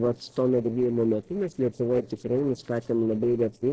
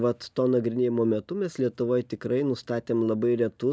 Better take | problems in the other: second | noise reduction (neural separator model SepFormer DNS4)

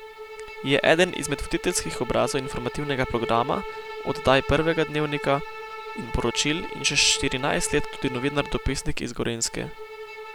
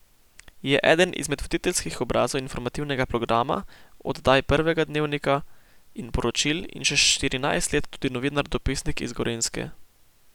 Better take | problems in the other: second | background sound (Bowed string instrument); 11 dB below the speech

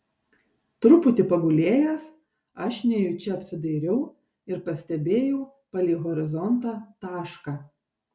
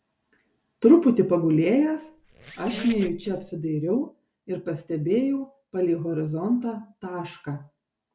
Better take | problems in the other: first | background sound (Squeak); 15 dB below the speech

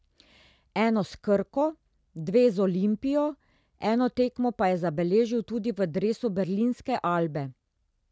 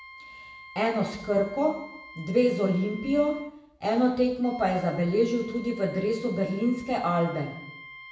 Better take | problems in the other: first | background sound (Wind instrument, woodwind instrument); 19 dB below the speech // room echo; dies away in 0.8 s

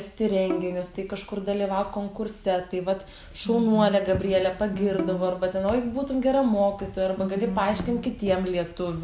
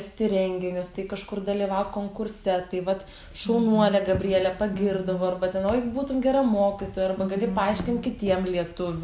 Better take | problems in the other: second | background sound (Bowed string instrument); 13 dB below the speech

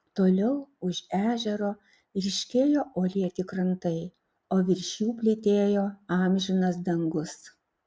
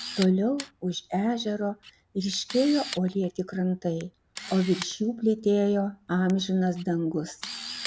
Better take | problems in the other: first | background sound (Camera); 15 dB below the speech

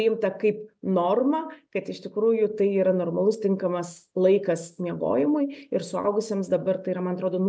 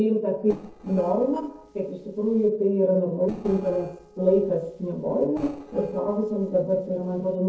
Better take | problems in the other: first | noise reduction (neural separator model SepFormer DNS4)

